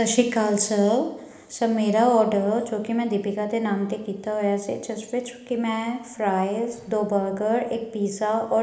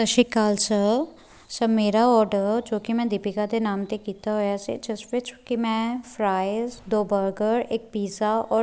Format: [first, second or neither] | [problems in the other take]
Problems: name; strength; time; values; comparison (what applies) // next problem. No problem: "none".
second | room echo; dies away in 1 s